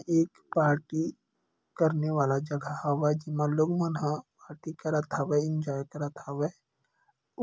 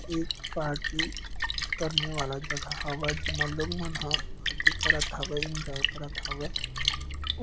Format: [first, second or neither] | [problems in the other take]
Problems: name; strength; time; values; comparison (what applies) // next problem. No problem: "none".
first | background sound (Splash, splatter); 5 dB above the speech